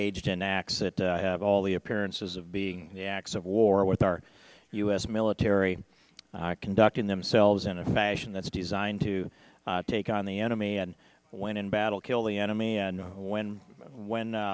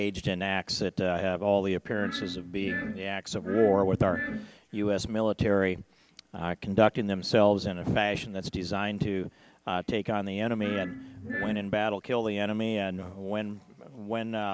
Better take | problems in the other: first | background sound (Glass); 8 dB below the speech

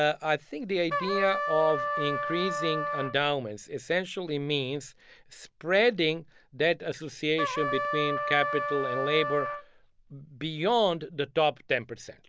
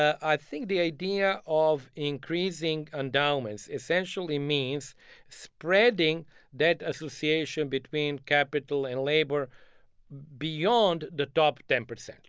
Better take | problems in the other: second | background sound (Trumpet); 3 dB below the speech

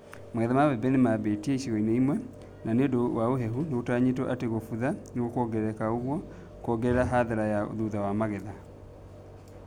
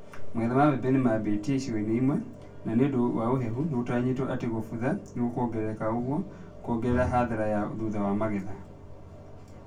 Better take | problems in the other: first | room echo; dies away in 0.2 s

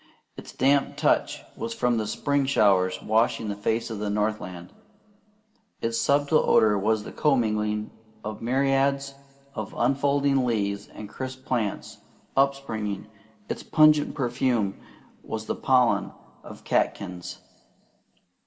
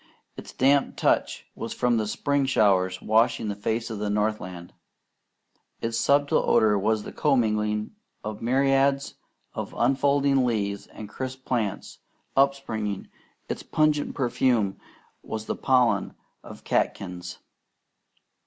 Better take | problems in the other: second | room echo; dies away in 1.2 s

